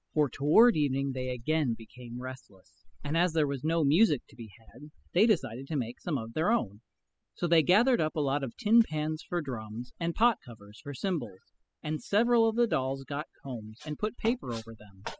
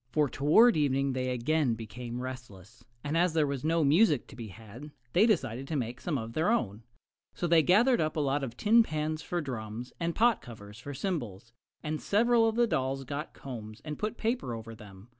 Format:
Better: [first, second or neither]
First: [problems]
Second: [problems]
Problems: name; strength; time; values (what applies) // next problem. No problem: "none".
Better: second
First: noise reduction (classical method spectral subtraction)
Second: none